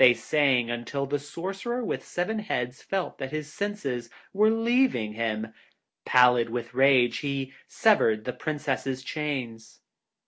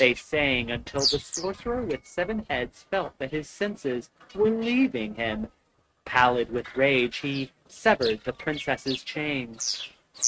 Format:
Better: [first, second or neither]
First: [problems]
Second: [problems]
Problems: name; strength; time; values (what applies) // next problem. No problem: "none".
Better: first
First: none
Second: noise reduction (neural mask model RNNoise)